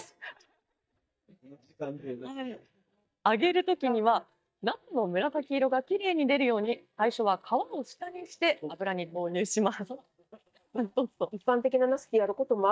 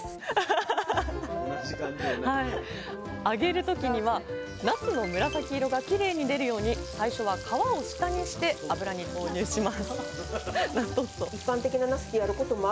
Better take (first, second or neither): second